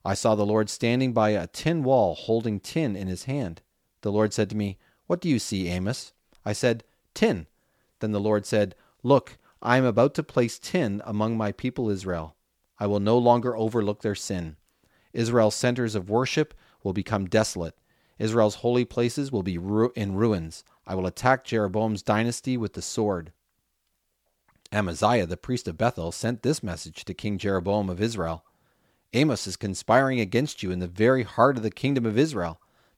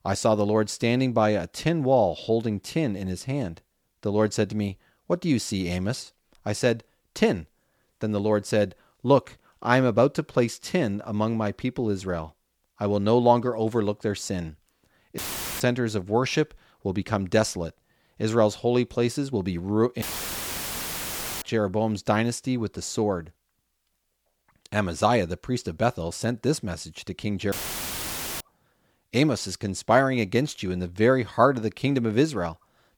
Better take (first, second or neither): first